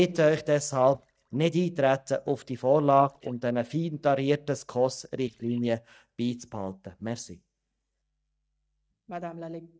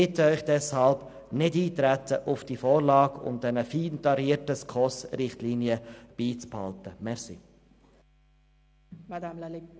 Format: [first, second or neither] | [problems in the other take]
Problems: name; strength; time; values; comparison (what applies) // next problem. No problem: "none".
second | noise reduction (neural mask model DeepFilterNet 3)